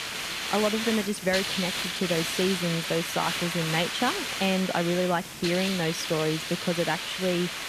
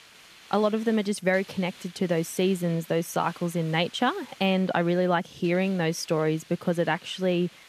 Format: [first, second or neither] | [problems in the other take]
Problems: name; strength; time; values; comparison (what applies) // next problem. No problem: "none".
second | hiss; loud; throughout; 2 dB below the speech; faint in the second